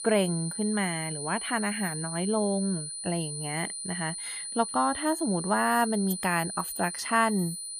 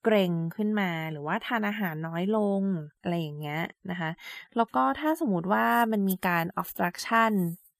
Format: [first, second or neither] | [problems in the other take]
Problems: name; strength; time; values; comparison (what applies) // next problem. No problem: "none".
second | high-pitched whine; loud; throughout; 9.5 kHz, 5 dB below the speech